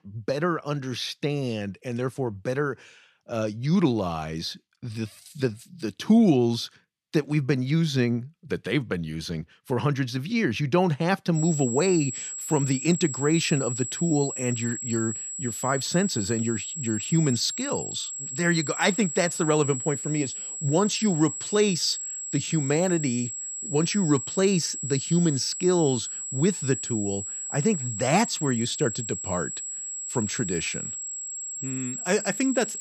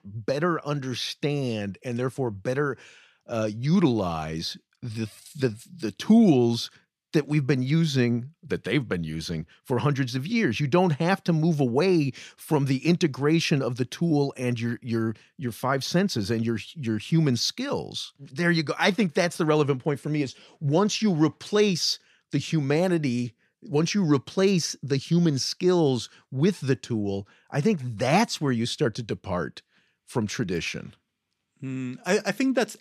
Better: second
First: high-pitched whine; loud; from 11 s on; 7.5 kHz, 5 dB below the speech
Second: none

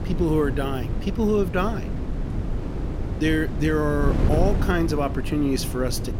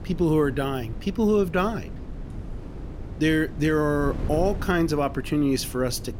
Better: second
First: wind noise on the microphone; heavy; 10 dB below the speech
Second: wind noise on the microphone; occasional gusts; 20 dB below the speech

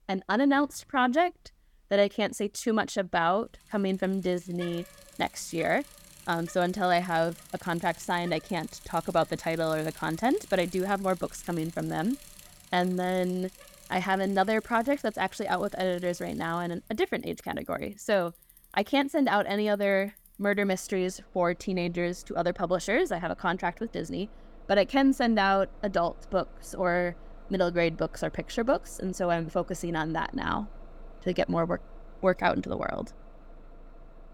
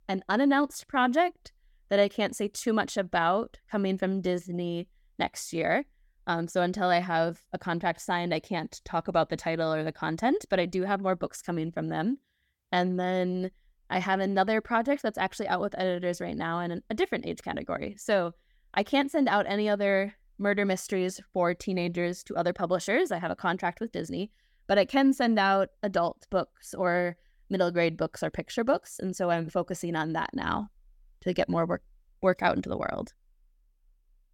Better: second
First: traffic noise; faint; throughout; 20 dB below the speech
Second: none

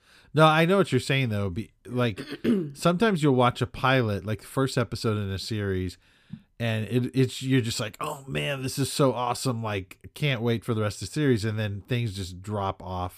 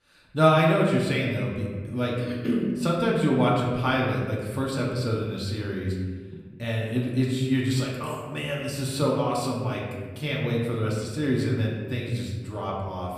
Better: first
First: none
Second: room echo; noticeable; dies away in 1.3 s // off-mic speech; far

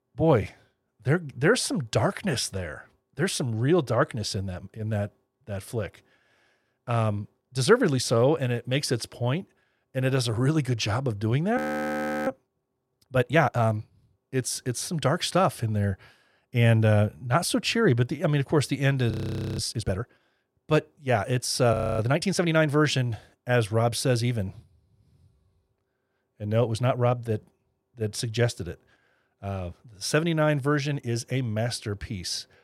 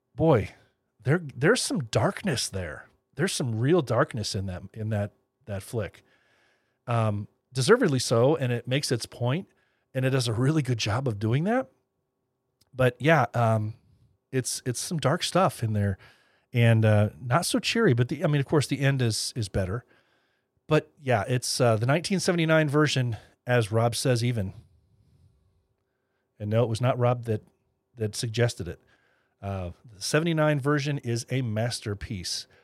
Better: second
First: audio freezing; at 12 s for 0.5 s, at 19 s and at 22 s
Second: none

